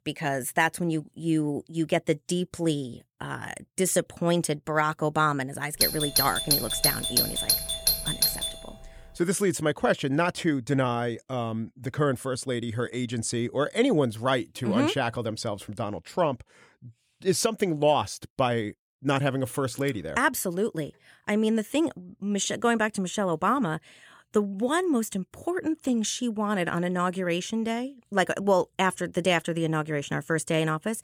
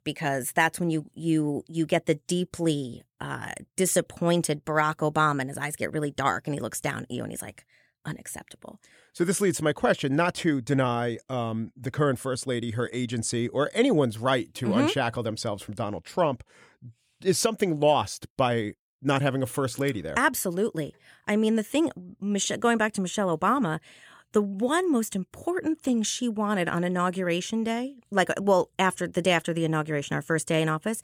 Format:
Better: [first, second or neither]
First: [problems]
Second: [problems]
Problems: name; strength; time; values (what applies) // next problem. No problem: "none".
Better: second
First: doorbell; loud; from 6 to 8.5 s; peak 5 dB above the speech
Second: none